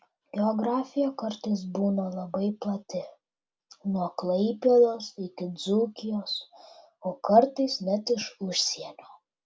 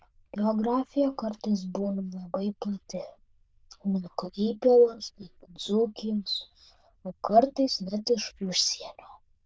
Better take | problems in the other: first | noise reduction (neural diffusion model UNIVERSE++)

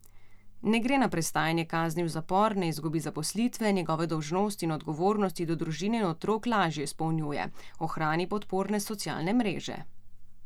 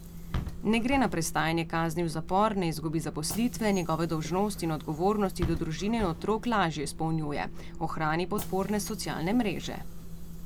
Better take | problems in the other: first | background sound (Bus / Engine); 11 dB below the speech

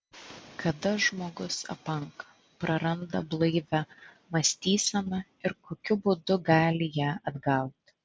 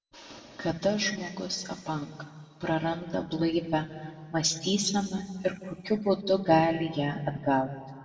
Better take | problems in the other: first | room echo; dies away in 1.6 s

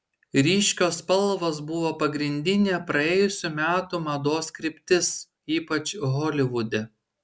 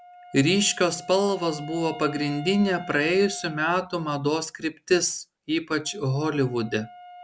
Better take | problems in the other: first | background sound (Wind instrument, woodwind instrument); 18 dB below the speech

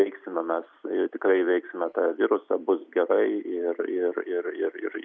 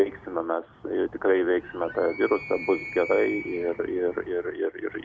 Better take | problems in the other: first | background sound (Animal); 15 dB below the speech

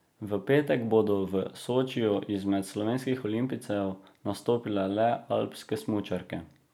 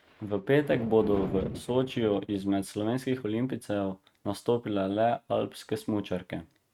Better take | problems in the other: first | noise reduction (neural mask model RNNoise)

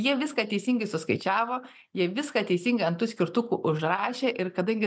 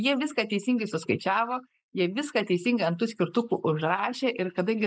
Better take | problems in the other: first | noise reduction (neural mask model Resemble Enhance denoiser)

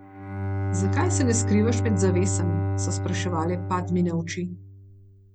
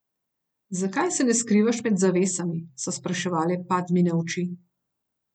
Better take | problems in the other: second | background sound (Bowed string instrument); 1 dB above the speech

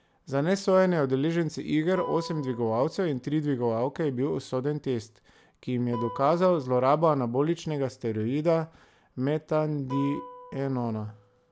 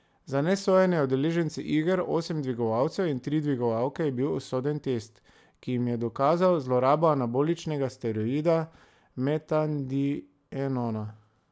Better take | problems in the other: second | background sound (Guitar); 19 dB below the speech

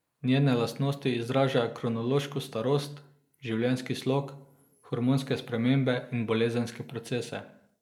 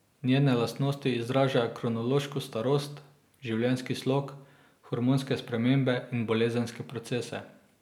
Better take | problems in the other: second | noise reduction (neural mask model Resemble Enhance denoiser)

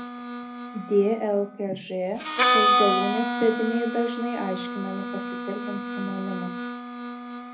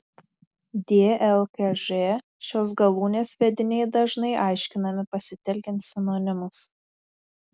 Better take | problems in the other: second | background sound (Harmonica); as loud as the speech // room echo; dies away in 0.3 s

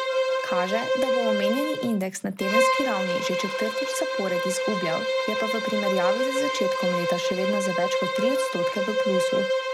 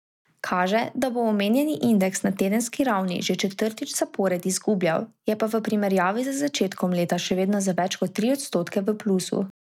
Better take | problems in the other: second | background sound (Bowed string instrument); 4 dB above the speech

